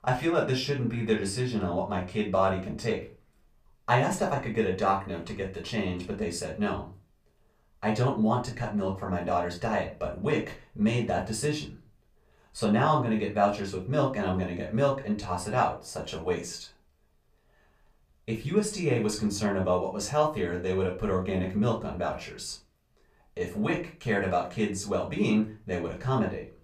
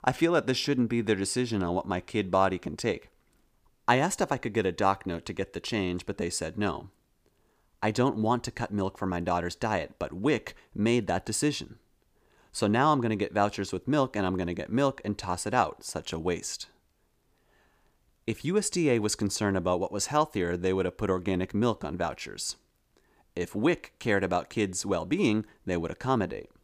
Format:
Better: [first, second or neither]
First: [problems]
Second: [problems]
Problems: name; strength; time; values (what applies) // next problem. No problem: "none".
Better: second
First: off-mic speech; far // room echo; very slight; dies away in 0.3 s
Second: none